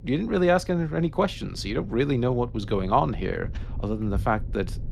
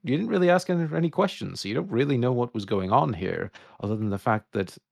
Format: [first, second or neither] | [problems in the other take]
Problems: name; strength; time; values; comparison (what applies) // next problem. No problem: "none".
second | low rumble; faint; throughout; 25 dB below the speech